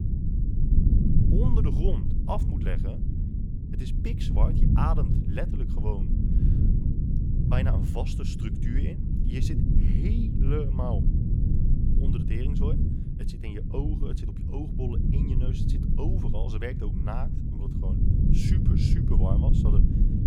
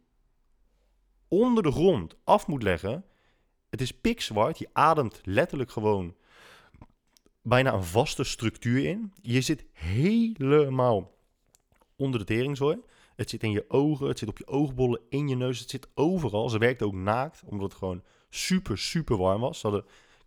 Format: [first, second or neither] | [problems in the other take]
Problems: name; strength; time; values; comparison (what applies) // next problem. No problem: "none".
second | low rumble; loud; throughout; as loud as the speech